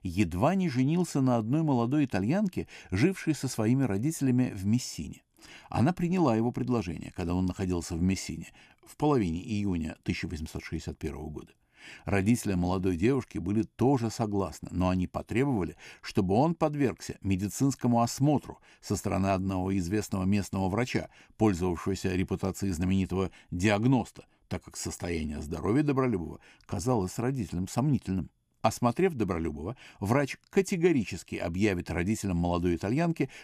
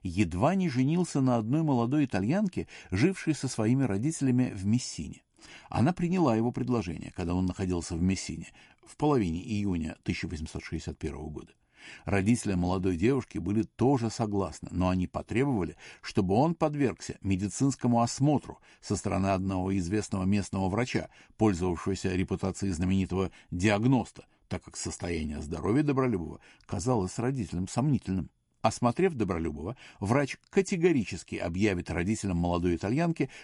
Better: first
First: none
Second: garbled, watery; slightly; nothing above 11 kHz

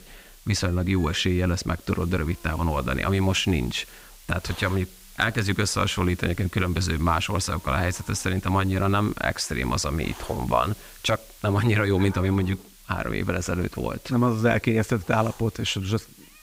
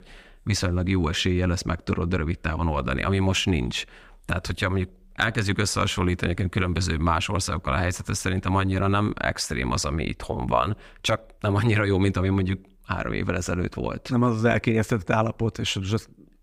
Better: second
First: hiss; faint; throughout; 20 dB below the speech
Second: none

